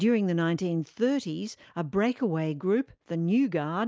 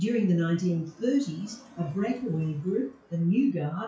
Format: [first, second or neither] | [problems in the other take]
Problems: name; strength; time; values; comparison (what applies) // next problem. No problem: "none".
first | noise reduction (classical method WPE with log-MMSE)